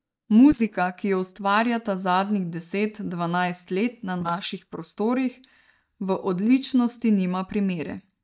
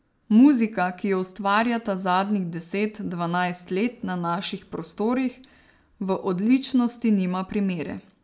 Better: second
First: noise reduction (neural mask model DeepFilterNet 3)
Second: none

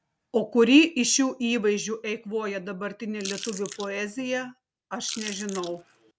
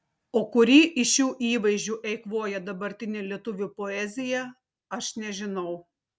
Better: second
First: background sound (Chewing, mastication / Crushing); 13 dB below the speech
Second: none

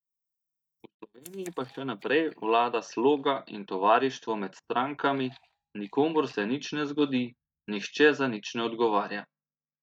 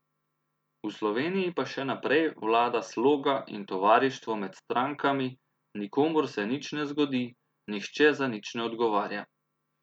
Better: second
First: noise reduction (neural mask model DeepFilterNet 3)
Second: none

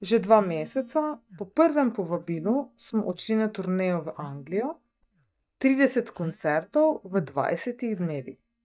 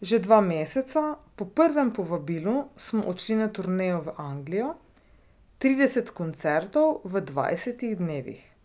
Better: second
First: noise reduction (neural mask model DeepFilterNet 3)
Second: none

